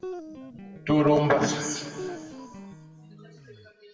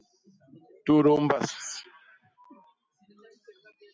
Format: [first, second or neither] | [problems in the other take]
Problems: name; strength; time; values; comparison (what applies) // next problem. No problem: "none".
second | background sound (Guitar); 14 dB below the speech // room echo; dies away in 2.1 s